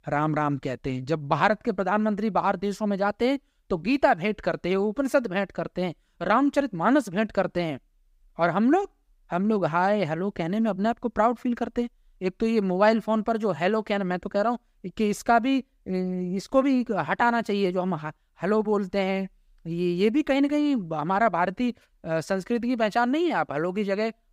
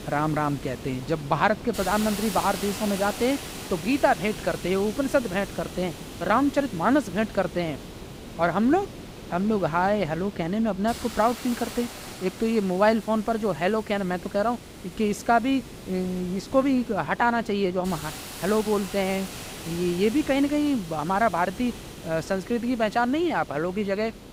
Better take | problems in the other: first | hiss; noticeable; throughout; 10 dB below the speech

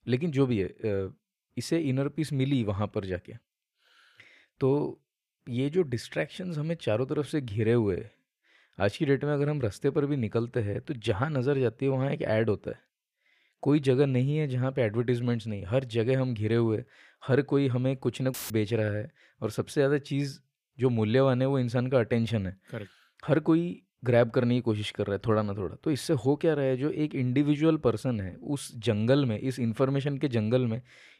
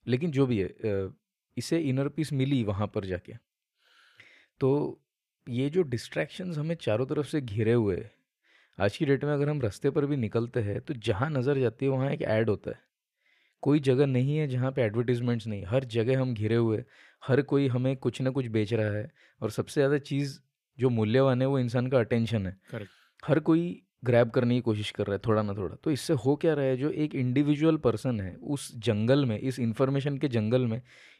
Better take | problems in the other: second | audio cutting out; filled with static; at 18 s

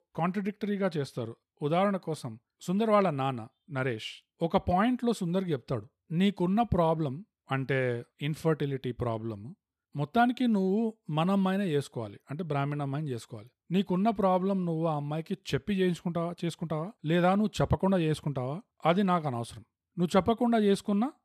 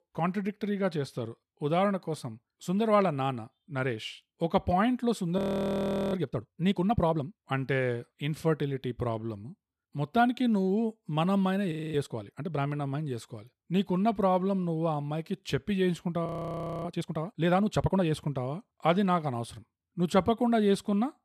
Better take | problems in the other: first | audio freezing; at 5.5 s for 1 s, at 12 s and at 16 s for 0.5 s

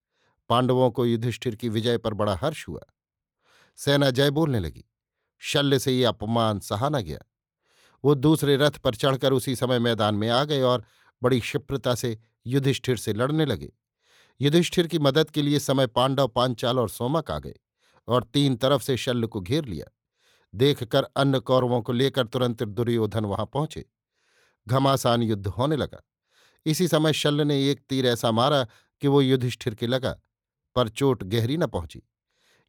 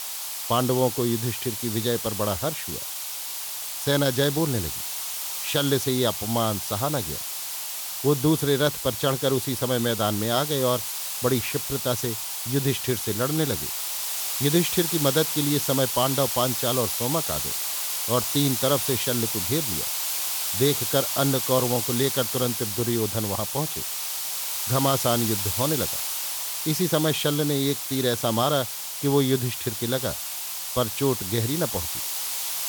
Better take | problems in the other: first | hiss; loud; throughout; 2 dB below the speech

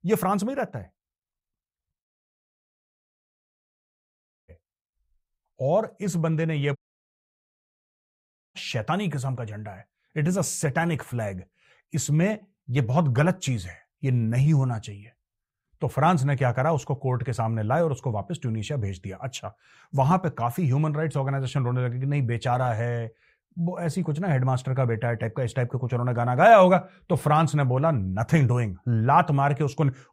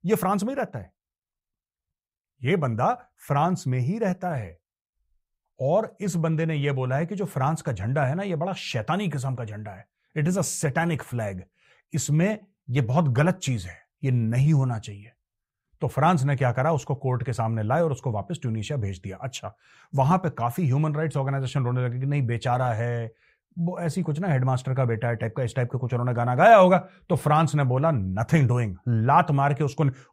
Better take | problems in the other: second | audio cutting out; at 2 s for 2.5 s and at 7 s for 2 s

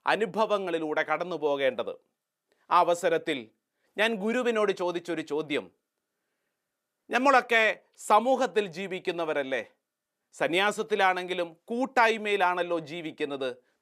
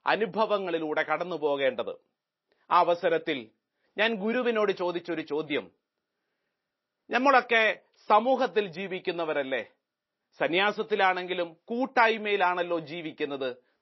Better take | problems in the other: first | garbled, watery; slightly; nothing above 5.5 kHz

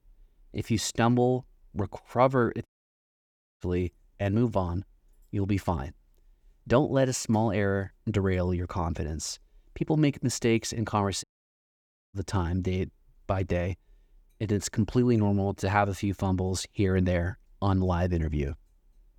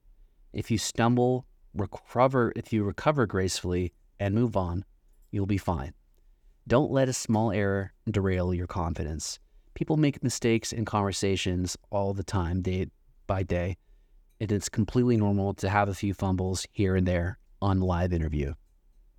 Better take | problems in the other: second | audio cutting out; at 2.5 s for 1 s and at 11 s for 1 s

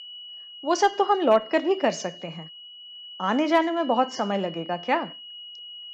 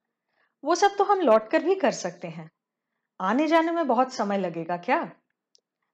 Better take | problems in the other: second | high-pitched whine; noticeable; throughout; 3 kHz, 15 dB below the speech

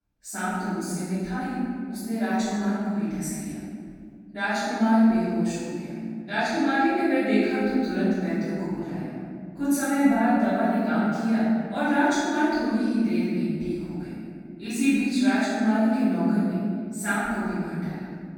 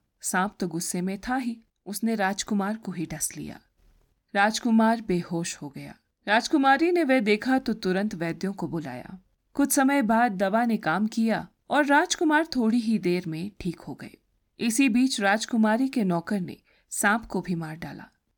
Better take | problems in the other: second | off-mic speech; far // room echo; strong; dies away in 2.1 s

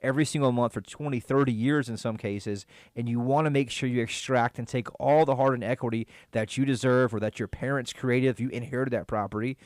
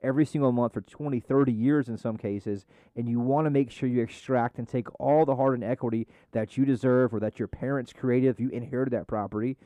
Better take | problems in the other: first | muffled; slightly; fading above 2 kHz

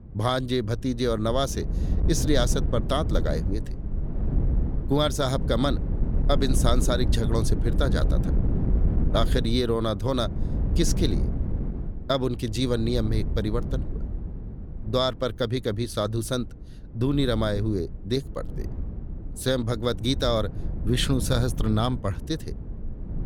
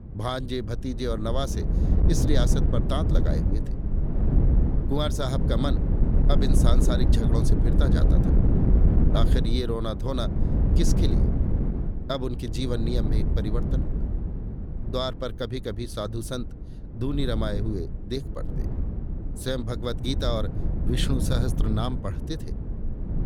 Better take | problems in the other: first | wind noise on the microphone; heavy; 4 dB below the speech; occasional gusts in the first

